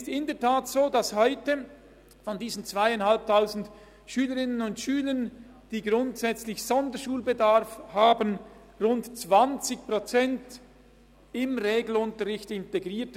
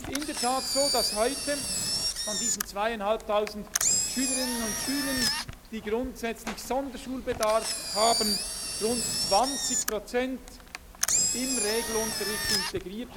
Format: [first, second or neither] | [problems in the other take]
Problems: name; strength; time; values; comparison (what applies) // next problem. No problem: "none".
first | background sound (Engine); as loud as the speech